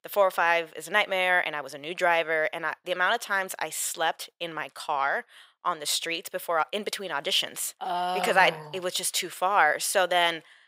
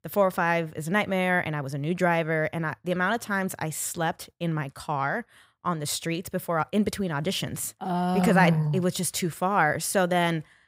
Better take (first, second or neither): second